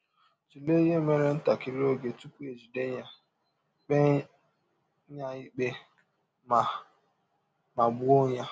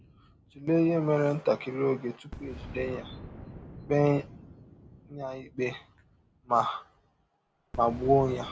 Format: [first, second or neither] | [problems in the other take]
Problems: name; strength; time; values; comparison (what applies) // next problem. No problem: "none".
first | background sound (Boom); 17 dB below the speech